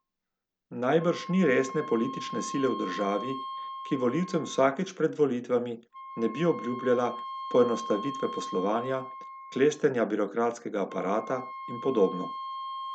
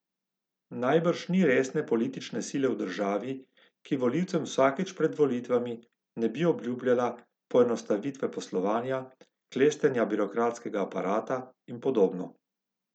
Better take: second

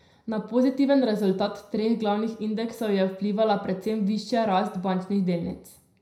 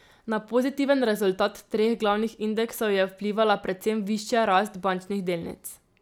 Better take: second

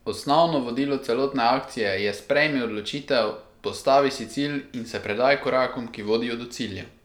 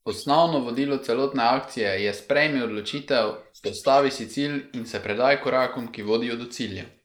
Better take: first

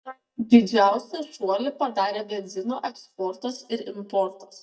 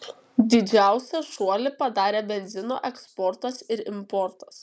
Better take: second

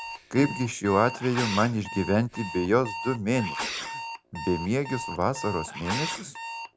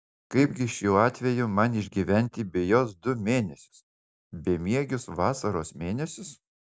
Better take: second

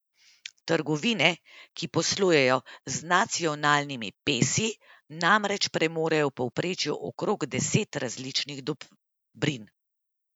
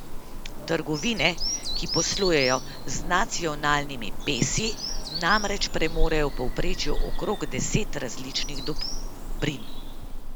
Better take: first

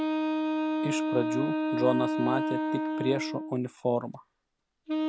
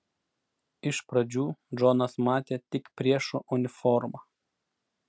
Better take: second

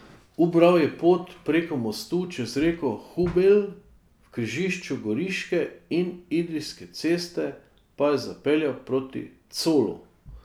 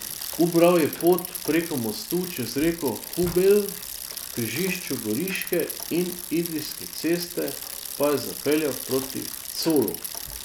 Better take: first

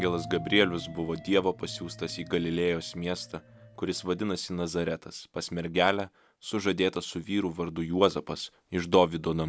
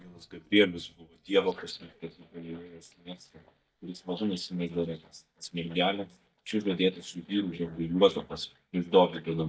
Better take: first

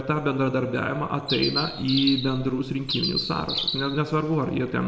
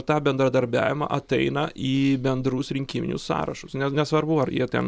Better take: second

